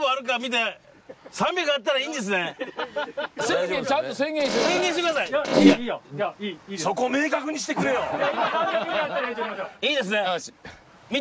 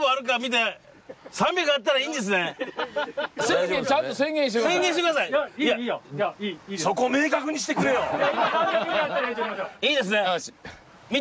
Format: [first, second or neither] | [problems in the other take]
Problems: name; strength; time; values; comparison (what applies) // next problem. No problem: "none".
second | background sound (Fart); 3 dB above the speech